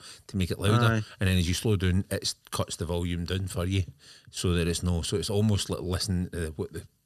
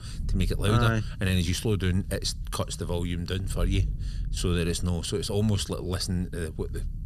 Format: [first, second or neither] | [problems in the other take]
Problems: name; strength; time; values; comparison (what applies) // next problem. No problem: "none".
first | low rumble; faint; throughout; 20 dB below the speech